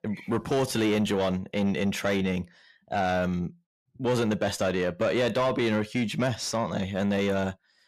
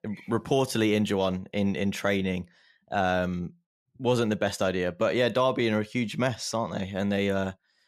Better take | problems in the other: second | distortion; slight; 10 dB below the speech

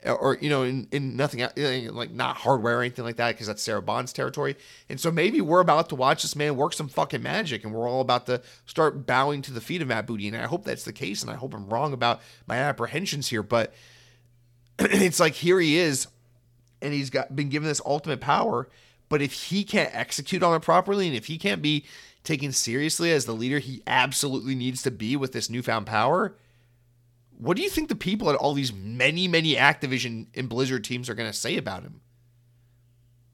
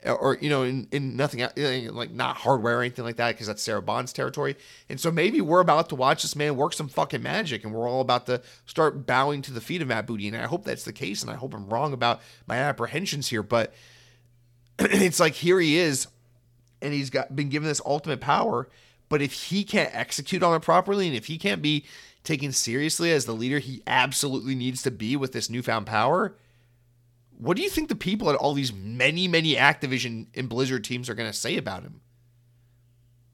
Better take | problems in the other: neither | none

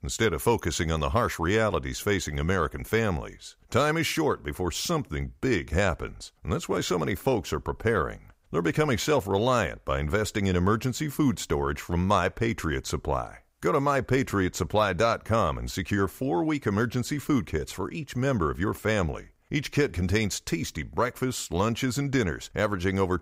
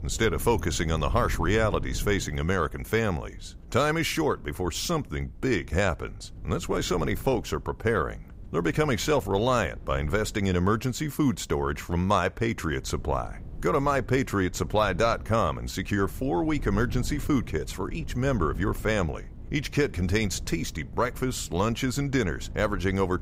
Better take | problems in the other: first | wind noise on the microphone; occasional gusts; 25 dB below the speech

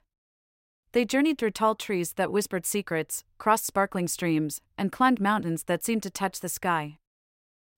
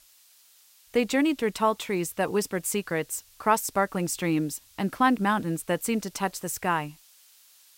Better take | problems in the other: first | hiss; faint; throughout; 25 dB below the speech

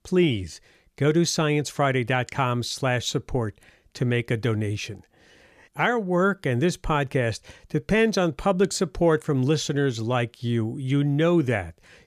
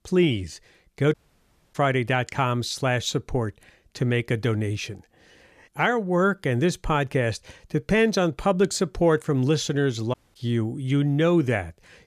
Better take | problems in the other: first | audio cutting out; at 1 s for 0.5 s and at 10 s

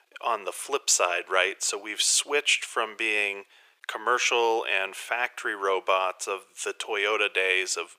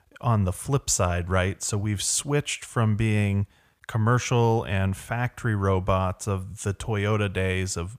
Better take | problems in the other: second | thin; very; fading below 350 Hz

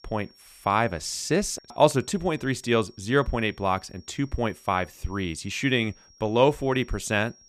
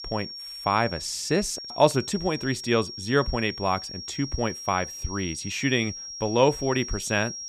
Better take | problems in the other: first | high-pitched whine; loud; throughout; 5.5 kHz, 9 dB below the speech; faint in the first

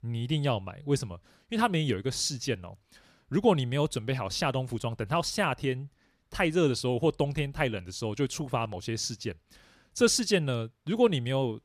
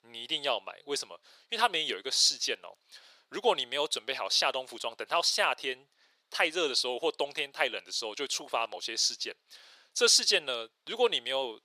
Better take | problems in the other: first | thin; very; fading below 500 Hz

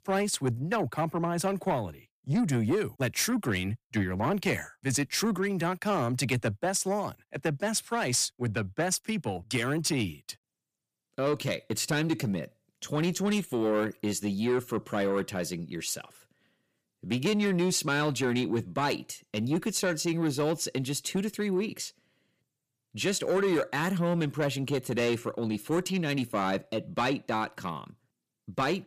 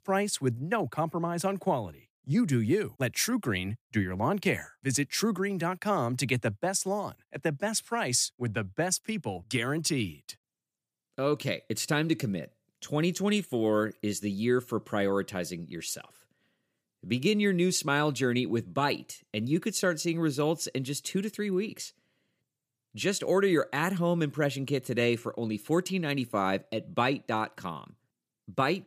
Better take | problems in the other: second | distortion; slight; 10 dB below the speech

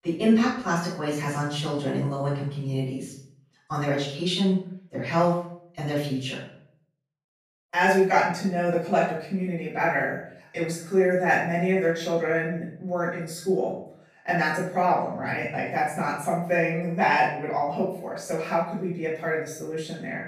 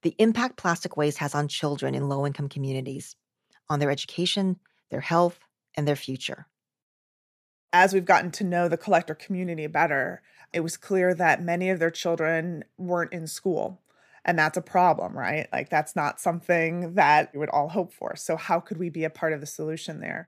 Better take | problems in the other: second | off-mic speech; far // room echo; noticeable; dies away in 0.5 s

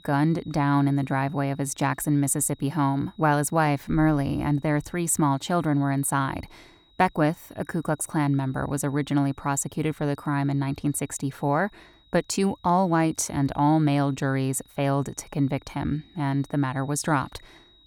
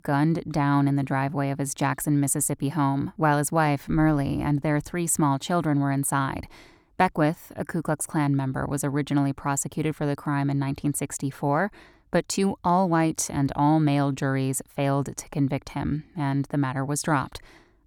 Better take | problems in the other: second | high-pitched whine; faint; throughout; 4 kHz, 30 dB below the speech

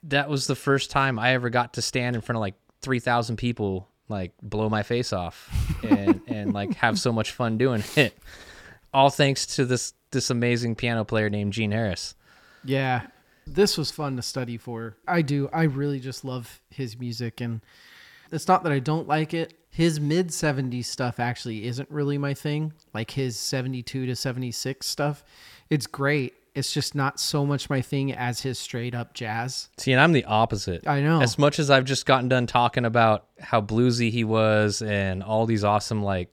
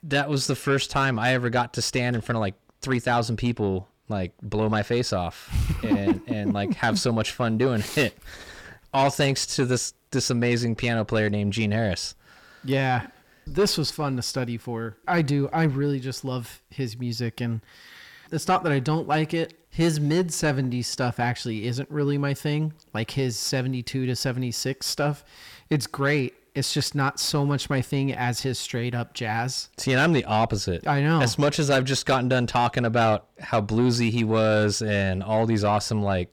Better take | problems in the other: first | distortion; slight; 10 dB below the speech

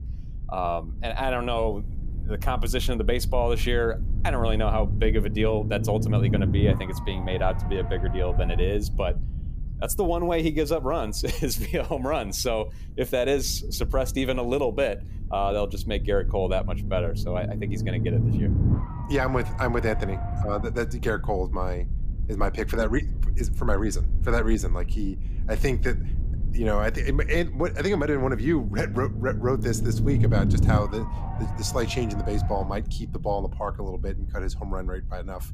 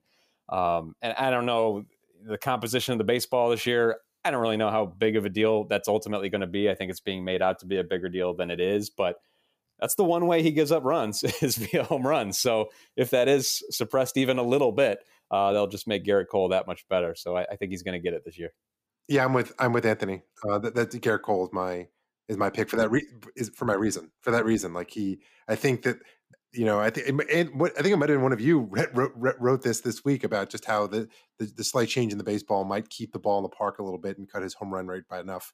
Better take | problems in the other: second | low rumble; noticeable; throughout; 10 dB below the speech

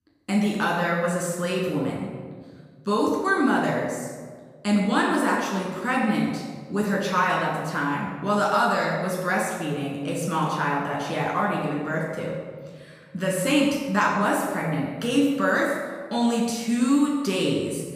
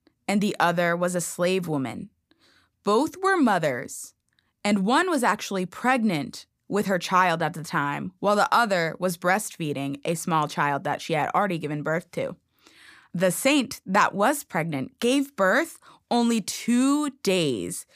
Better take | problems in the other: second | off-mic speech; far // room echo; noticeable; dies away in 1.3 s

